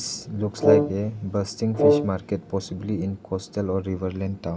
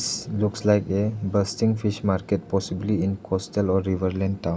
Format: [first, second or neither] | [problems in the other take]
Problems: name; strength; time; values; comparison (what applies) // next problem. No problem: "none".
second | background sound (Brass instrument); 3 dB above the speech